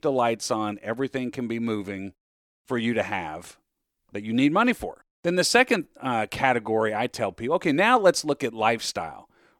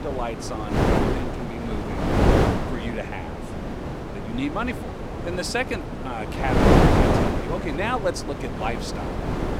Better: first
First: none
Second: wind noise on the microphone; heavy; 3 dB above the speech

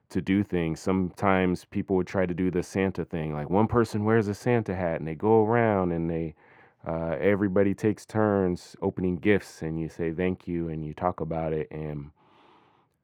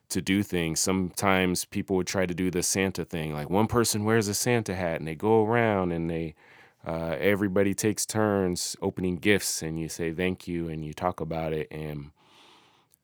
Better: second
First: muffled; very; fading above 3 kHz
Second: none

